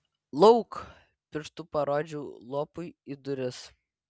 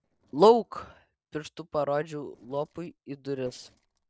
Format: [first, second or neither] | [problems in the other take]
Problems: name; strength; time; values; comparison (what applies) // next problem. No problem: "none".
first | noise reduction (neural separator model SepFormer DNS4)